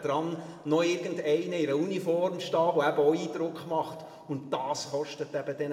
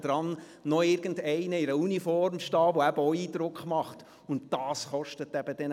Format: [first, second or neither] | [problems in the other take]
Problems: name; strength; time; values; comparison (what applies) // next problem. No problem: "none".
second | room echo; dies away in 1.7 s